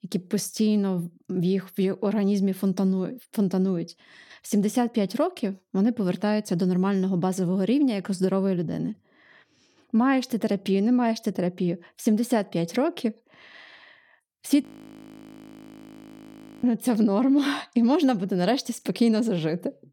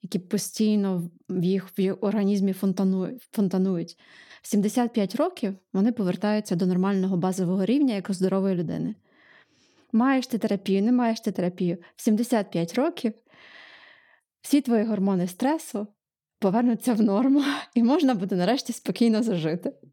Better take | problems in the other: second | audio freezing; at 15 s for 2 s

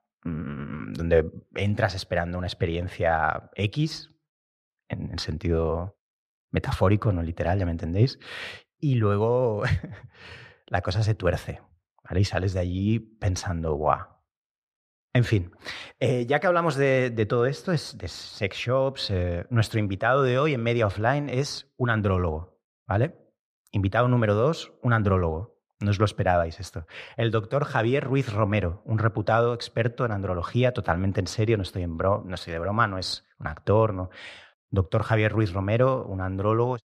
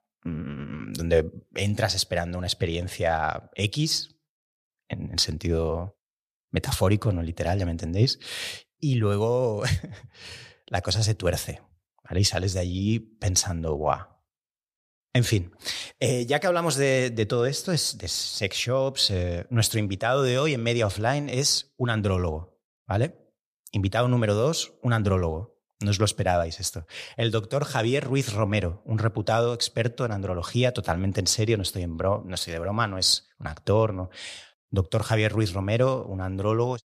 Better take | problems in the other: second | muffled; slightly; fading above 4 kHz

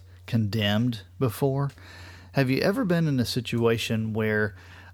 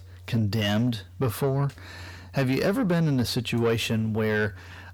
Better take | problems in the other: first | distortion; slight; 10 dB below the speech

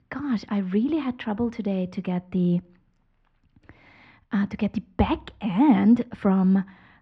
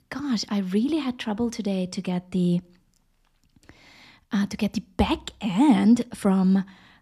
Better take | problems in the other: second | muffled; very; fading above 2 kHz

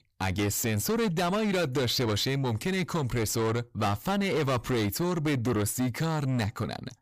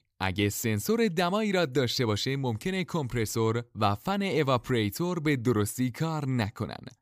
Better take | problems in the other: second | distortion; heavy; 7 dB below the speech

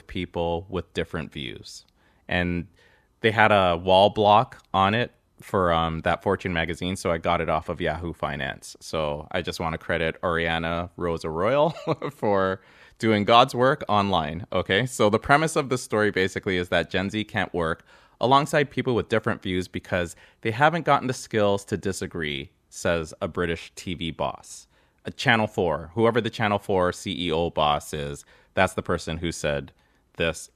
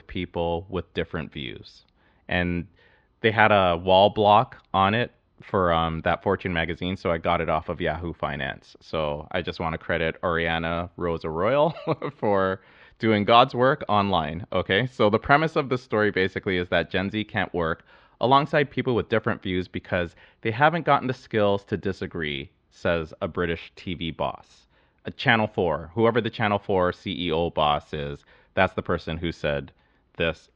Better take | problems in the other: first | muffled; slightly; fading above 4 kHz

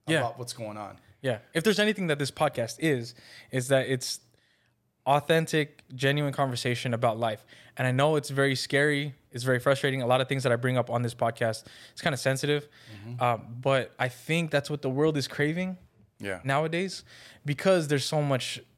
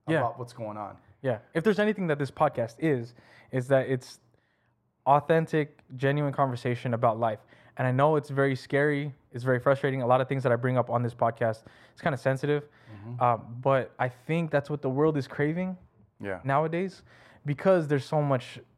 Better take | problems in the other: first | muffled; very; fading above 2.5 kHz

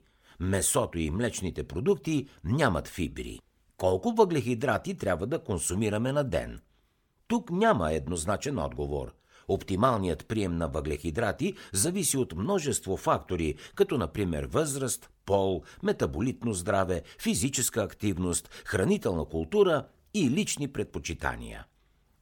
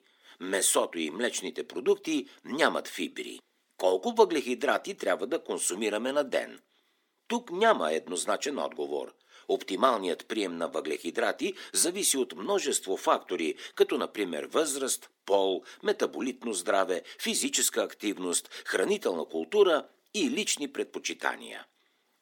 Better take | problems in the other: first | thin; somewhat; fading below 250 Hz

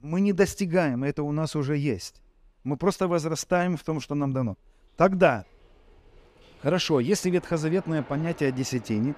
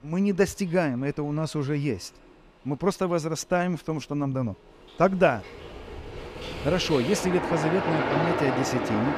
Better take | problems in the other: first | train or aircraft noise; loud; throughout; 3 dB below the speech; faint in the first

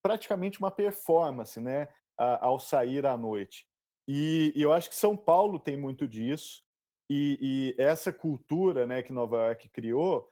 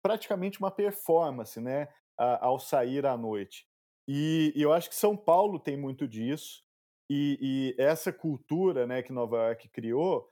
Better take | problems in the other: second | garbled, watery; slightly; nothing above 17.5 kHz

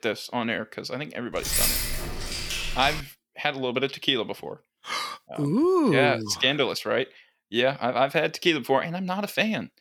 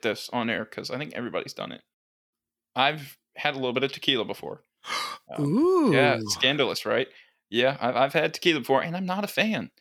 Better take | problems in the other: second | jangling keys; loud; from 1.5 to 3 s; peak 4 dB above the speech

